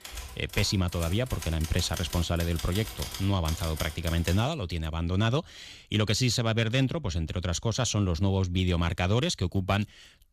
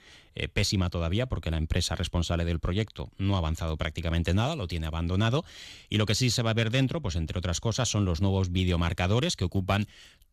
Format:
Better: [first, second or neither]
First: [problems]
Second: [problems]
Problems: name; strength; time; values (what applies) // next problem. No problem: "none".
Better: second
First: keyboard typing; noticeable; until 4.5 s; peak 8 dB below the speech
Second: none